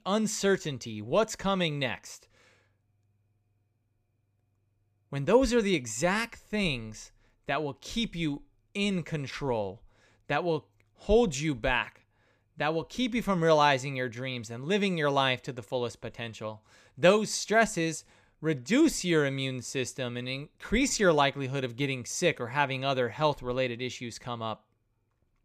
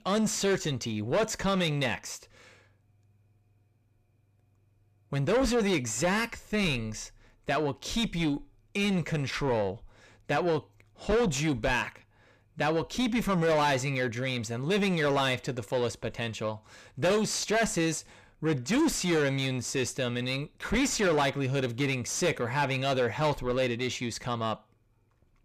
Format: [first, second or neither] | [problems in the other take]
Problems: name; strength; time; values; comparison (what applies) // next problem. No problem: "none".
first | distortion; heavy; 6 dB below the speech